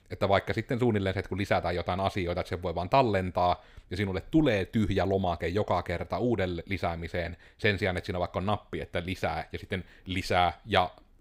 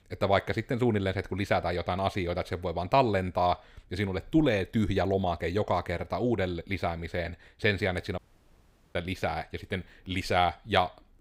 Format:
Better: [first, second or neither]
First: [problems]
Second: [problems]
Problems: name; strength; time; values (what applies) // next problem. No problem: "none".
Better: first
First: none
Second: audio cutting out; at 8 s for 1 s